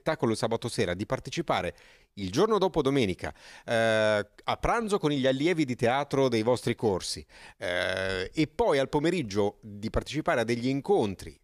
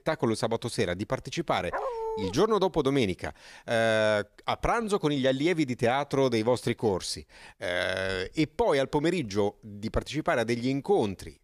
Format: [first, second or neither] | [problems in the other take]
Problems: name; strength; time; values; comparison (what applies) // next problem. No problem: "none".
first | dog barking; noticeable; at 1.5 s; peak 4 dB below the speech